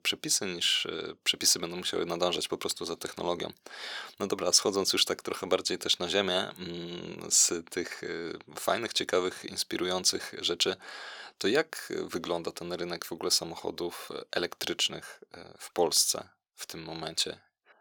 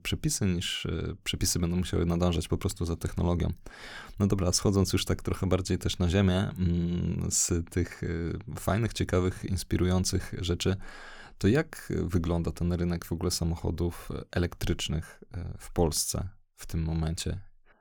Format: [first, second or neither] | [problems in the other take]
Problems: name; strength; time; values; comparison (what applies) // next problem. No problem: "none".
second | thin; very; fading below 500 Hz